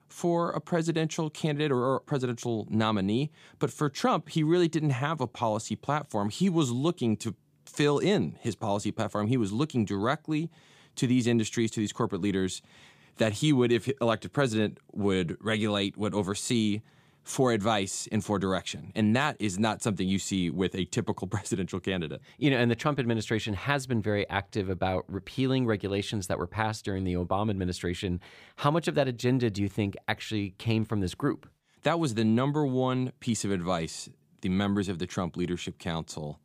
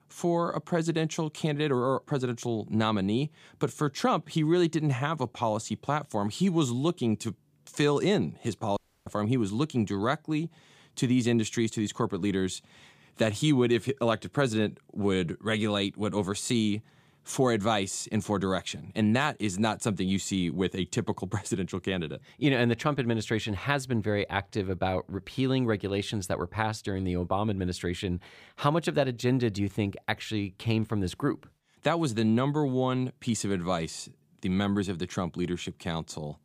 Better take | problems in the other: first | audio cutting out; at 9 s

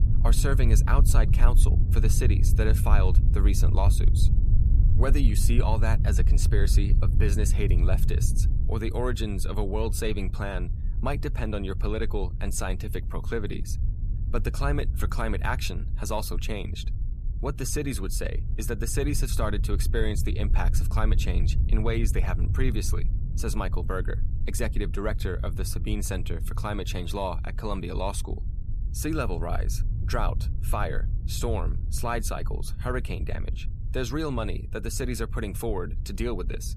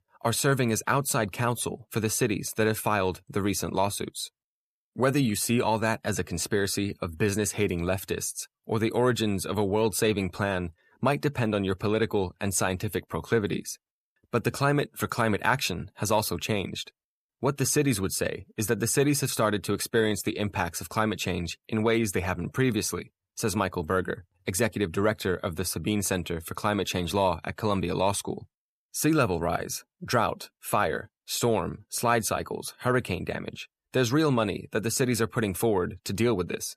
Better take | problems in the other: second | wind noise on the microphone; occasional gusts; 10 dB below the speech

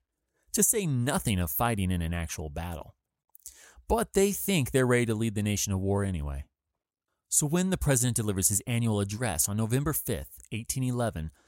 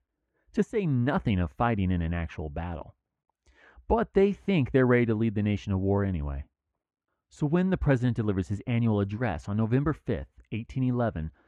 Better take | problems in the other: first | muffled; very; fading above 2.5 kHz

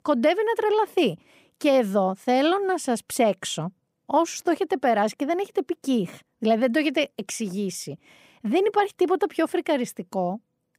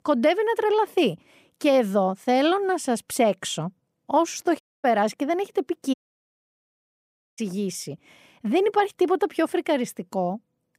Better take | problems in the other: first | audio cutting out; at 4.5 s and at 6 s for 1.5 s

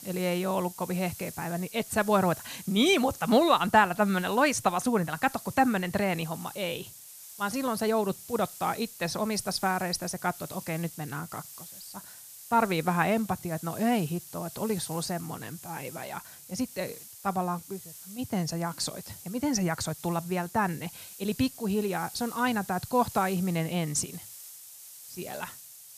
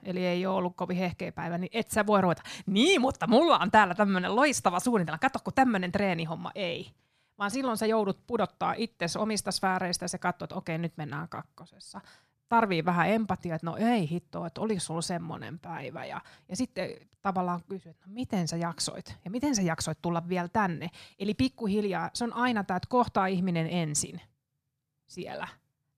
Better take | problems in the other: second | hiss; noticeable; throughout; 15 dB below the speech

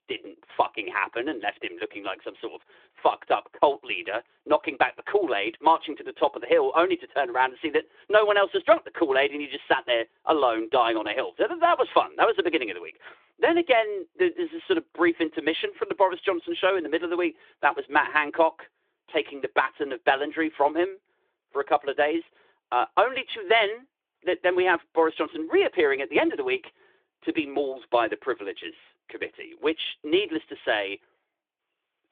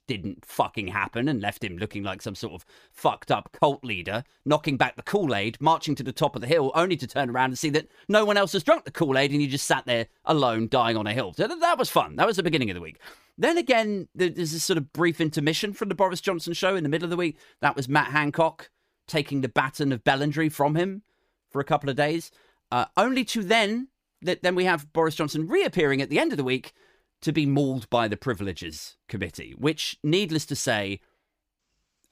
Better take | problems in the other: second | phone-call audio; nothing above 3.5 kHz

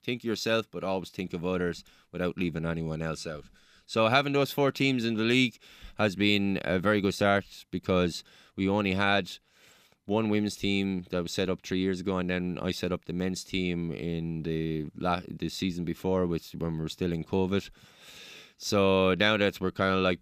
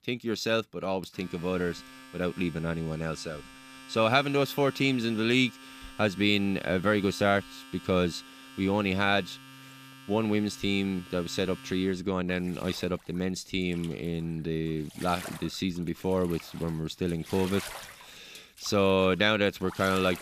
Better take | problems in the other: first | household noises; noticeable; throughout; 20 dB below the speech

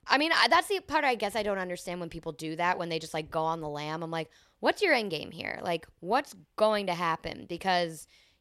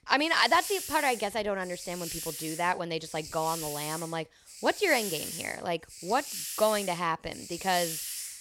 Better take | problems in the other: first | hiss; loud; throughout; 7 dB below the speech

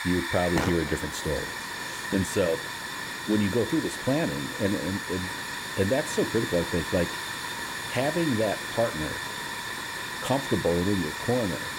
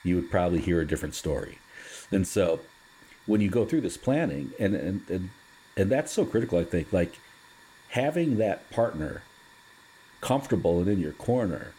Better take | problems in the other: second | hiss; loud; throughout; 4 dB below the speech; faint in the second

